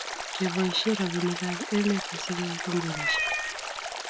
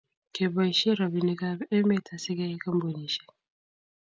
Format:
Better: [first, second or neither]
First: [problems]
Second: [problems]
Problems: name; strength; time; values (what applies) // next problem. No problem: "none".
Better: second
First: background sound (Meow + Stream); 3 dB below the speech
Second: none